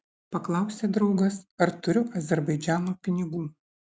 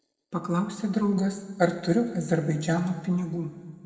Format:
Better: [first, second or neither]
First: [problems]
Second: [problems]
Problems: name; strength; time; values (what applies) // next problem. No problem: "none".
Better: first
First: none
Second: room echo; dies away in 1.7 s